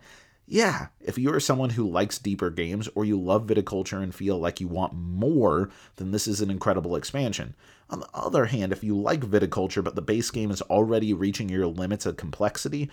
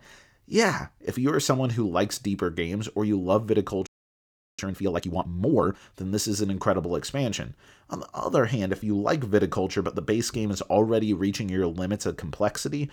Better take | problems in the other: first | audio freezing; at 4 s for 0.5 s

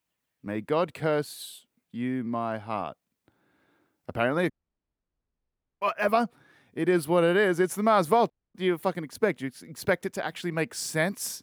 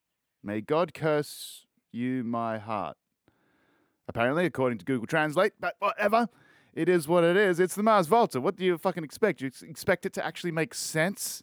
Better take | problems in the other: second | audio cutting out; at 4.5 s for 1.5 s and at 8.5 s

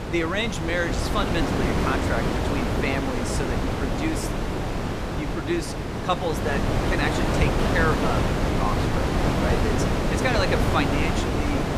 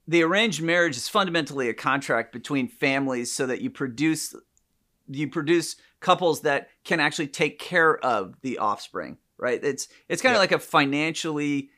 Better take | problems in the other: second | wind noise on the microphone; heavy; 1 dB above the speech

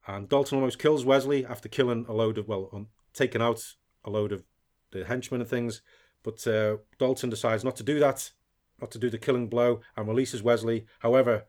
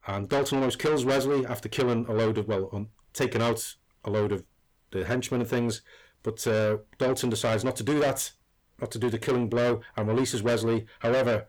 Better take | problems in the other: first | distortion; heavy; 7 dB below the speech

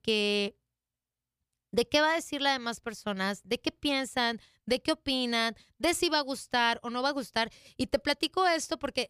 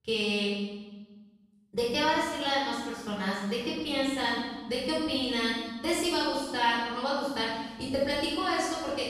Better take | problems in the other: first | off-mic speech; far // room echo; strong; dies away in 1.2 s

